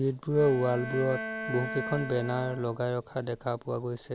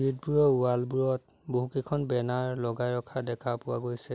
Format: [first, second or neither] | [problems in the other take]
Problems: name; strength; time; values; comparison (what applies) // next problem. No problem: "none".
second | background sound (Bowed string instrument); 10 dB below the speech